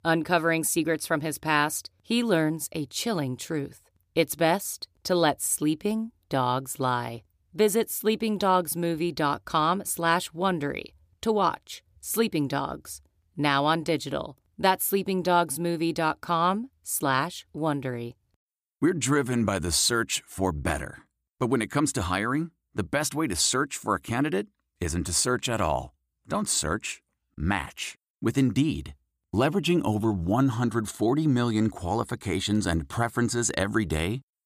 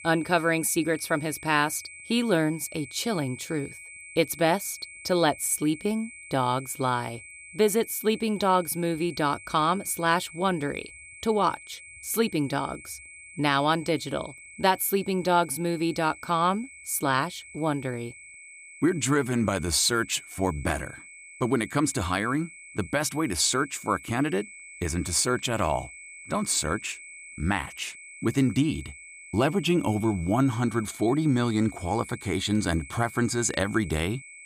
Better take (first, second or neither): first